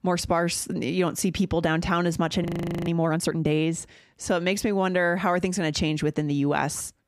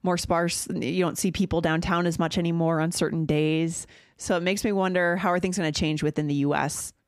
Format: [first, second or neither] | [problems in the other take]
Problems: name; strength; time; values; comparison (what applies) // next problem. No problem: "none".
second | audio freezing; at 2.5 s